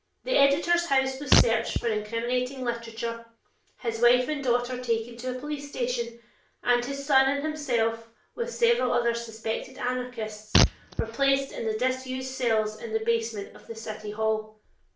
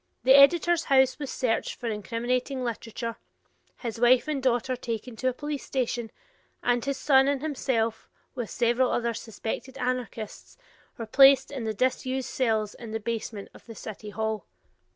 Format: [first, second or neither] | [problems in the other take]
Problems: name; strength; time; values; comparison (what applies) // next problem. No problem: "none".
second | background sound (Fart); as loud as the speech // room echo; dies away in 0.4 s